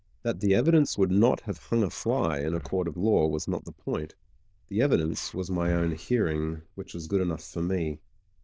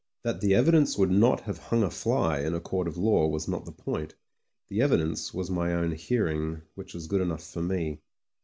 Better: second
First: noise reduction (neural diffusion model UNIVERSE++)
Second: none

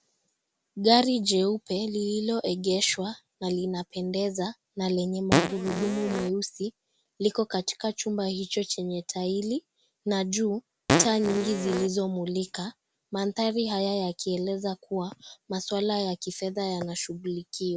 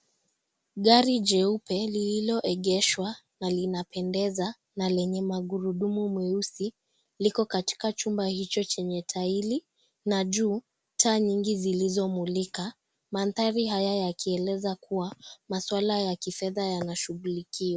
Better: second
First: background sound (Fart); 1 dB above the speech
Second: none

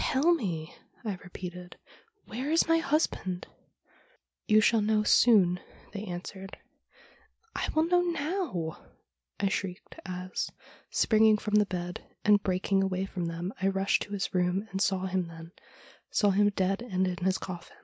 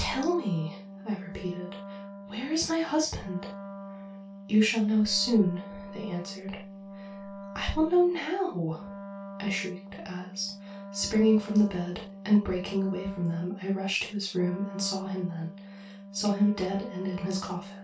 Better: first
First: none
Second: background sound (Wind instrument, woodwind instrument); 13 dB below the speech // room echo; dies away in 0.2 s

